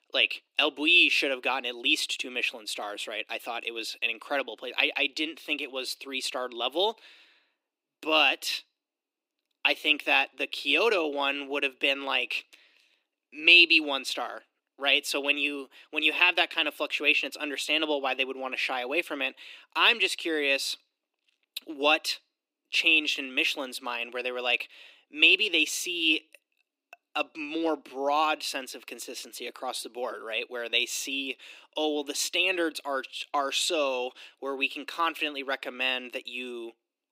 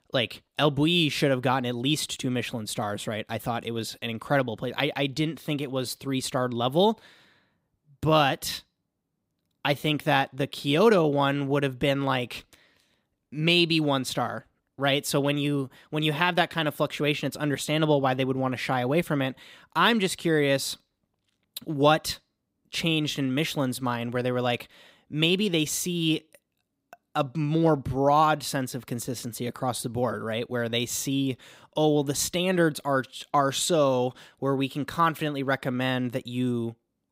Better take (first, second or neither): second